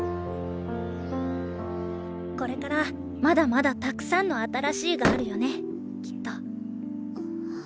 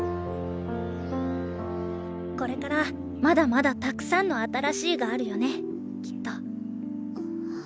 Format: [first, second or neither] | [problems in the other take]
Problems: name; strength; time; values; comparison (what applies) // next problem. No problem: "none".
second | background sound (Slam); 2 dB below the speech